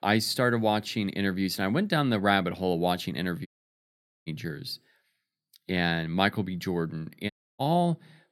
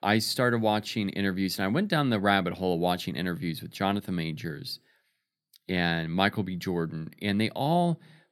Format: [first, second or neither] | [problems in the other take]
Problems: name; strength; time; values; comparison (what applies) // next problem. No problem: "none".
second | audio cutting out; at 3.5 s for 1 s and at 7.5 s